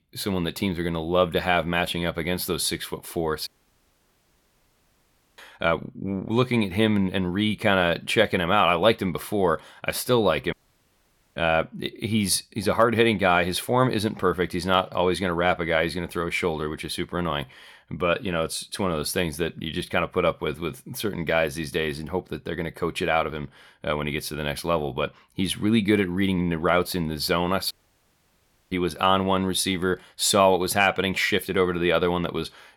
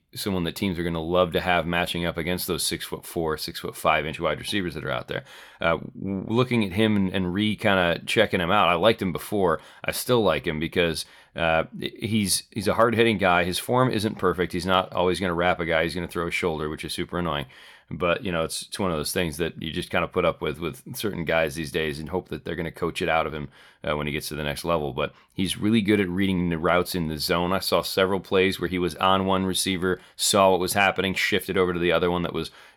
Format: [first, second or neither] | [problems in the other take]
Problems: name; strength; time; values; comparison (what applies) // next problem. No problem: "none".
second | audio cutting out; at 3.5 s for 2 s, at 11 s for 1 s and at 28 s for 1 s